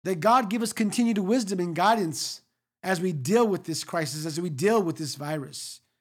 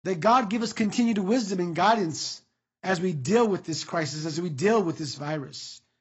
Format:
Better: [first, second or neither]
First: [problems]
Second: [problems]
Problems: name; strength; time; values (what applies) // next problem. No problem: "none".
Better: first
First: none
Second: garbled, watery; badly; nothing above 7.5 kHz